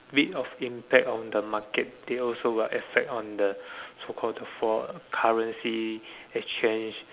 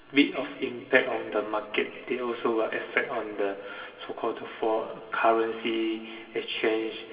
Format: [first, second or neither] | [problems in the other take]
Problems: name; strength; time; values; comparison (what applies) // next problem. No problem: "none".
first | room echo; dies away in 2 s